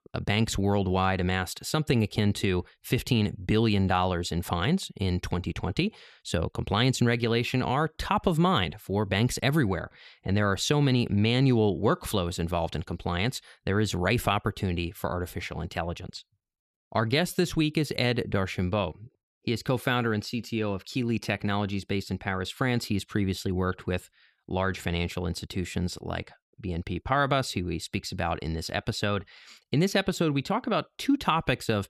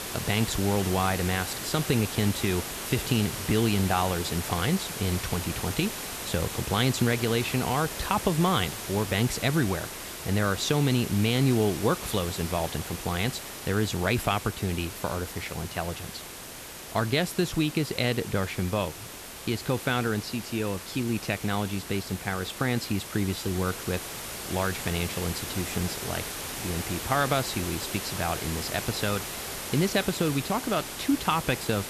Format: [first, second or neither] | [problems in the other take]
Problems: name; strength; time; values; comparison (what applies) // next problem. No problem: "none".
first | hiss; loud; throughout; 7 dB below the speech